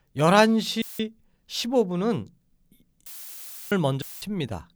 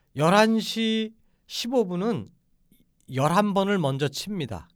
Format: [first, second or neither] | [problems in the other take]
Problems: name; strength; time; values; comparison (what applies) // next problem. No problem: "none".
second | audio cutting out; filled with static; at 1 s, at 3 s for 0.5 s and at 4 s